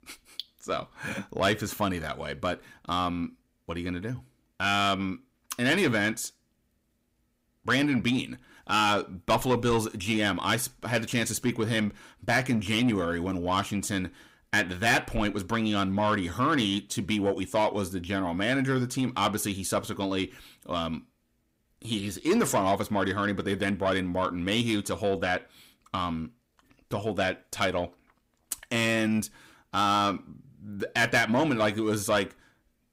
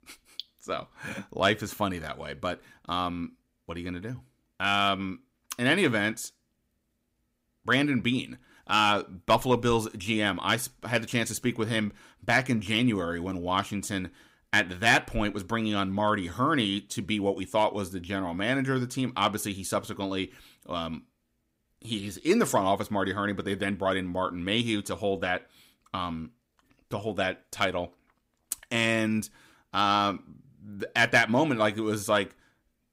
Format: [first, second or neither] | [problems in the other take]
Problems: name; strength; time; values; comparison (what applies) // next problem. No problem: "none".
second | distortion; slight; 10 dB below the speech